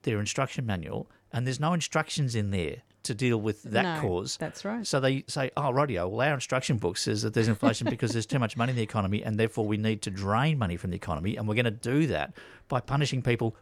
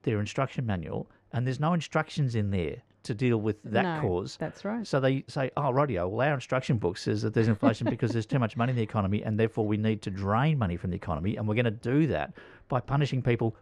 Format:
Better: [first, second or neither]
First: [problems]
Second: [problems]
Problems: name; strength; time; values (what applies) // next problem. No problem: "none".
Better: first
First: none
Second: muffled; slightly; fading above 1.5 kHz